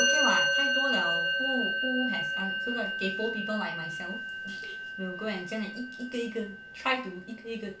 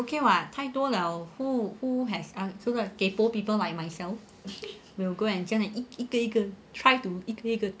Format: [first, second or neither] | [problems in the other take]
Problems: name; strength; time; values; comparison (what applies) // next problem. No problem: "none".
second | background sound (Musical instrument); 3 dB above the speech // room echo; dies away in 0.3 s